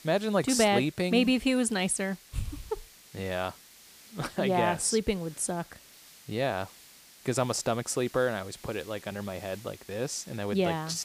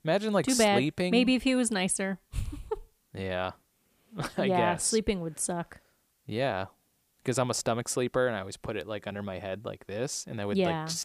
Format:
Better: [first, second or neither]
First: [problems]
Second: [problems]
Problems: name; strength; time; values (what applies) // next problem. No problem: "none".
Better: second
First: hiss; faint; throughout; 20 dB below the speech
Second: none